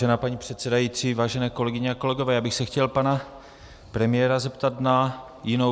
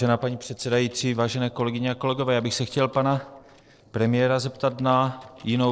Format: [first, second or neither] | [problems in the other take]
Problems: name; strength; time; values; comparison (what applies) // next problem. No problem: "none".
first | noise reduction (neural separator model SepFormer DNS4)